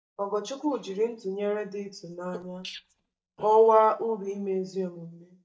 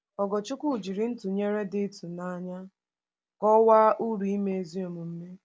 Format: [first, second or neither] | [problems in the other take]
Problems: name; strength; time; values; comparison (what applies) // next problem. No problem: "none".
second | noise reduction (neural mask model DeepFilterNet 3)